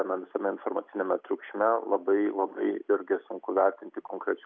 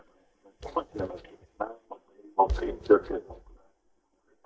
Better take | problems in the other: first | noise reduction (neural mask model DeepFilterNet 3)

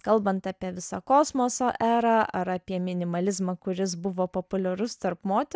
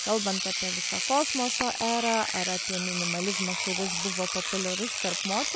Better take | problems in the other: first | background sound (Engine / Domestic sounds, home sounds); as loud as the speech

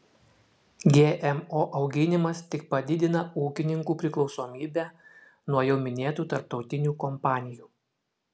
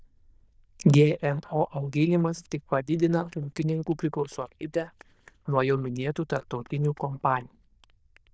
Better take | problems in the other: first | noise reduction (neural diffusion model UNIVERSE++)

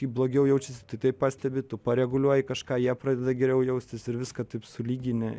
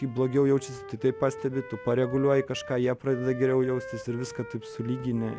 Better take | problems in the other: first | background sound (Wind instrument, woodwind instrument); 15 dB below the speech

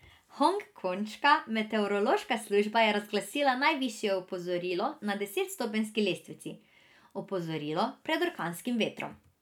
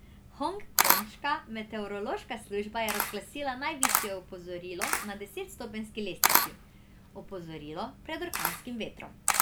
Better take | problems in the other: first | background sound (Camera); 4 dB above the speech

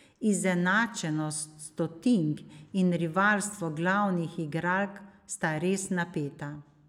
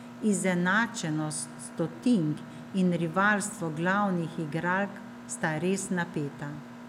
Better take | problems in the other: first | background sound (Mechanisms); 15 dB below the speech

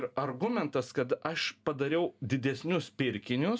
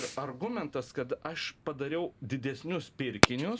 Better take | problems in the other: first | background sound (Fireworks); as loud as the speech

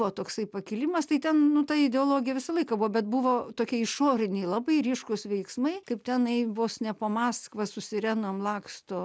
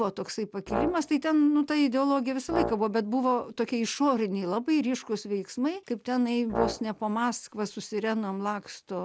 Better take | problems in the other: first | background sound (Brass instrument); 9 dB below the speech

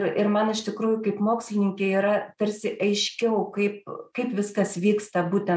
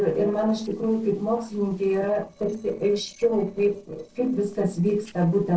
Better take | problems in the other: first | noise reduction (neural separator model SepFormer DNS4)

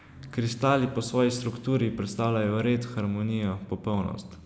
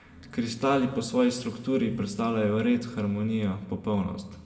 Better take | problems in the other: first | room echo; dies away in 1.1 s

